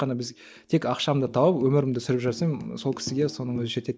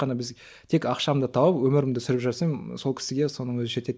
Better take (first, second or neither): second